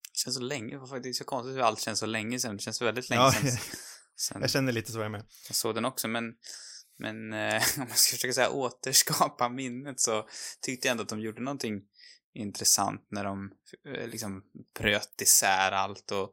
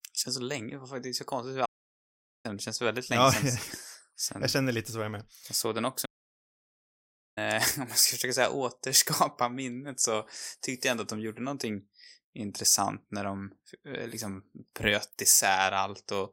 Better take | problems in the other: first | audio cutting out; at 1.5 s for 1 s and at 6 s for 1.5 s

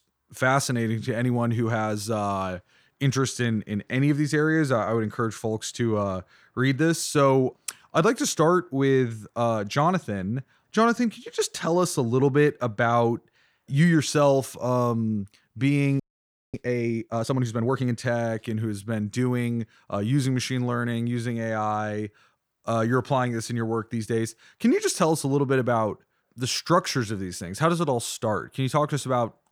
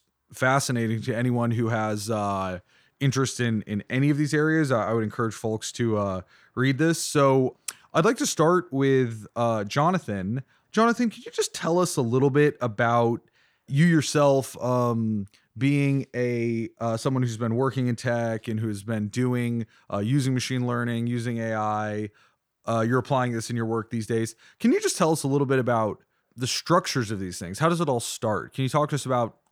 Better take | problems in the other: second | audio freezing; at 16 s for 0.5 s

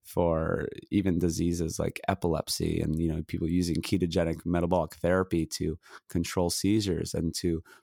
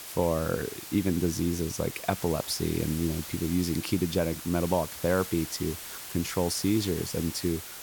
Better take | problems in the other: first | hiss; loud; throughout; 9 dB below the speech

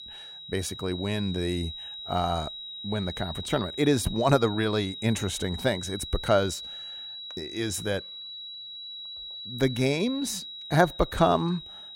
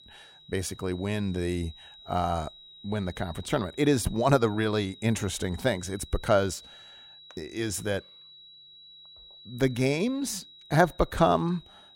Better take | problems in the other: second | high-pitched whine; loud; throughout; 4 kHz, 9 dB below the speech; faint in the second

